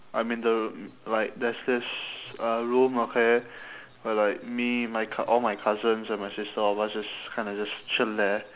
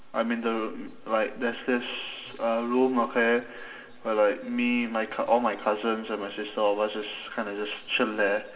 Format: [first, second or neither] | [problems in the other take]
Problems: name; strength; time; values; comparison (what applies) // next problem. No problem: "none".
first | room echo; dies away in 2.8 s